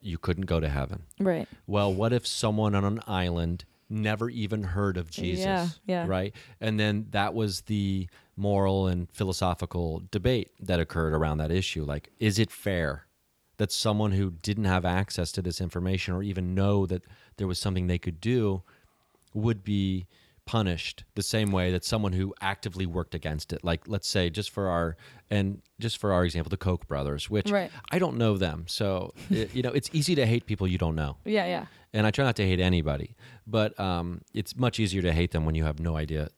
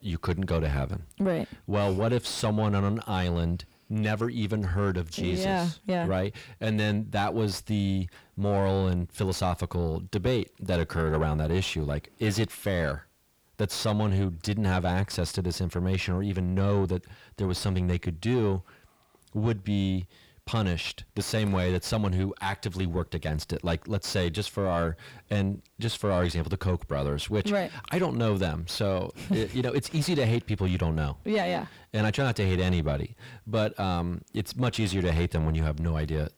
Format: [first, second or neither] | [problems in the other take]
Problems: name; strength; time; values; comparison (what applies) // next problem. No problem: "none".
first | distortion; slight; 10 dB below the speech